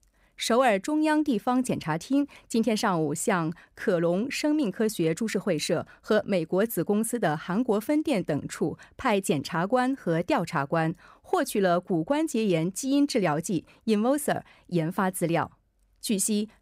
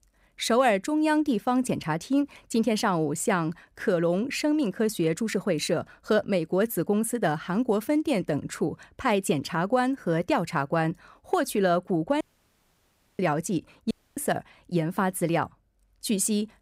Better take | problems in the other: first | audio cutting out; at 12 s for 1 s and at 14 s

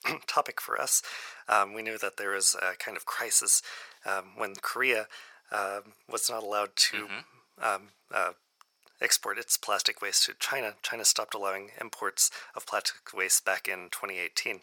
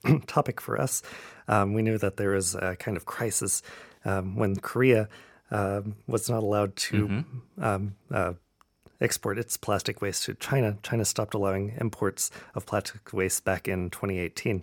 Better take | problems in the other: second | thin; very; fading below 900 Hz

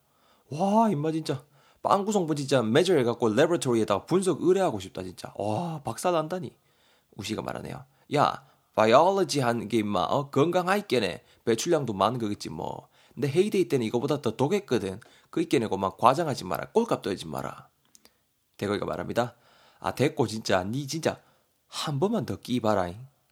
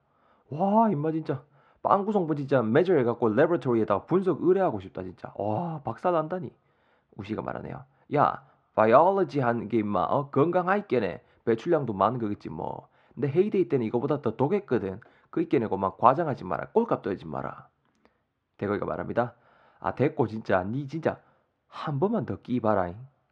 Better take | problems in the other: first | muffled; very; fading above 1.5 kHz

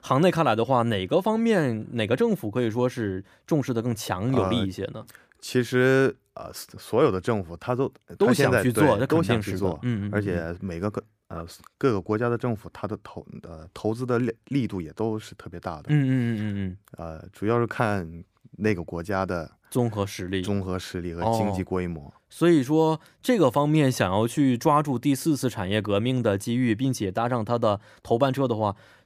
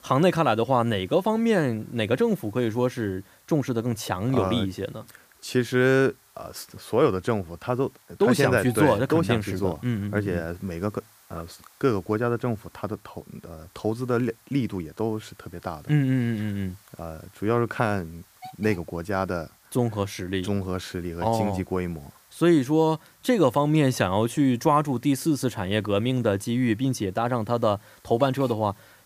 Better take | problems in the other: first | hiss; faint; throughout; 30 dB below the speech

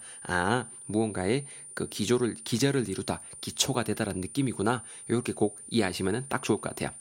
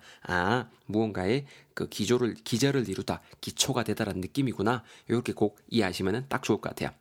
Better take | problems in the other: second | high-pitched whine; noticeable; throughout; 9.5 kHz, 15 dB below the speech

